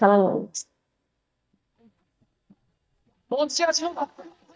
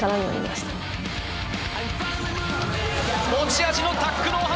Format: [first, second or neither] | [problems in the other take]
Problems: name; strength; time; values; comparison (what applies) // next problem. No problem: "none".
second | noise reduction (neural mask model DeepFilterNet 3)